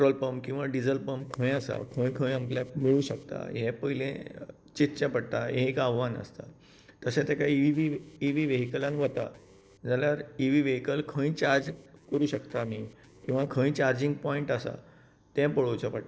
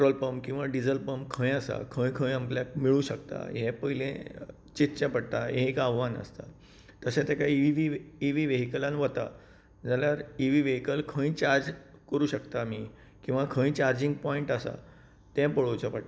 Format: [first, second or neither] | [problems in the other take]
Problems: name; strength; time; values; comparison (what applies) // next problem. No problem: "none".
second | noise reduction (neural separator model SepFormer DNS4)